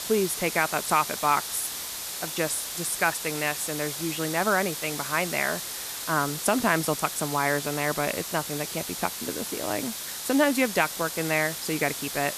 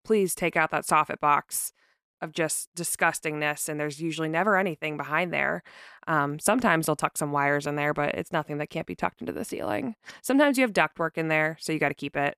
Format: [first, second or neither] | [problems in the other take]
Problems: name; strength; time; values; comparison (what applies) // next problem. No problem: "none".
second | hiss; loud; throughout; 5 dB below the speech